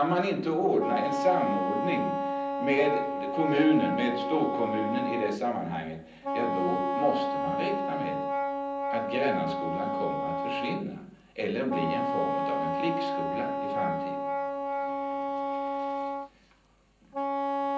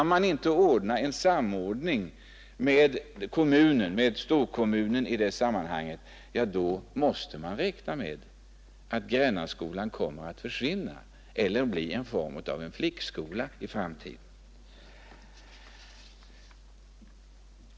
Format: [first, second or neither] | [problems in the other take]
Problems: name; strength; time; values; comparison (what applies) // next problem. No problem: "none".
second | background sound (Wind instrument, woodwind instrument); as loud as the speech // room echo; dies away in 0.6 s